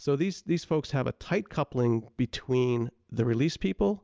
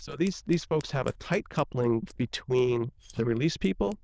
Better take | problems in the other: first | noise reduction (neural diffusion model UNIVERSE++)

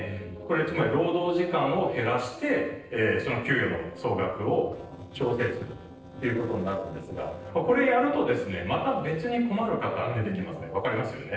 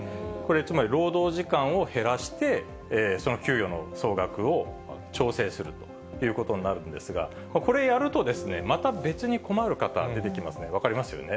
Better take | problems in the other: second | noise reduction (neural separator model SepFormer DNS4)

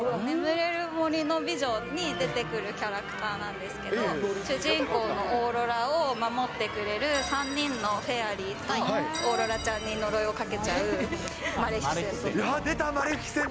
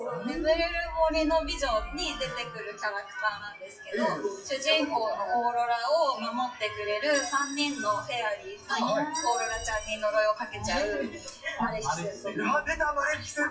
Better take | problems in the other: first | noise reduction (classical method WPE with log-MMSE)

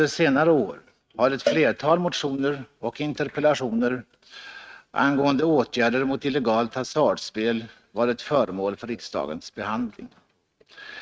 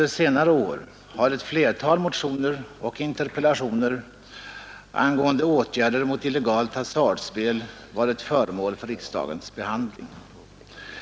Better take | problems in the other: second | noise reduction (neural mask model RNNoise)

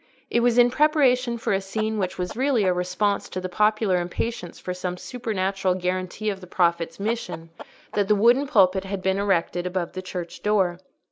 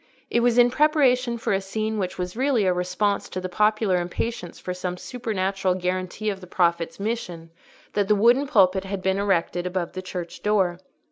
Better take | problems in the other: second | noise reduction (neural mask model Resemble Enhance denoiser)

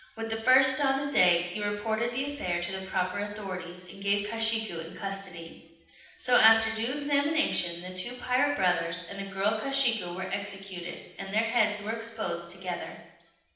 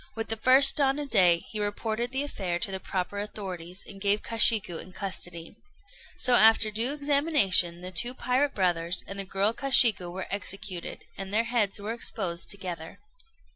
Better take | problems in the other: second | room echo; dies away in 0.9 s

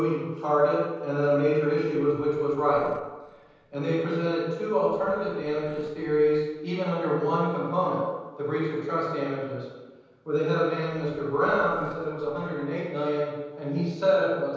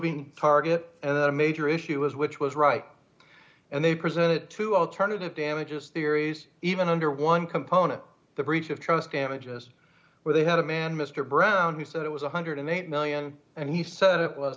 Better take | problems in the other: second | noise reduction (neural separator model SepFormer DNS4)

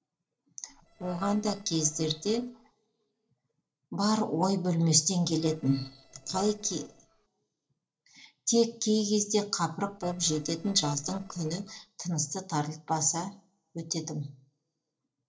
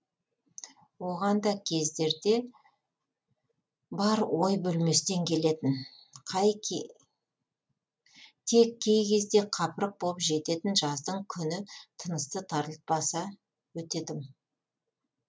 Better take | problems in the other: second | noise reduction (neural separator model SepFormer DNS4)

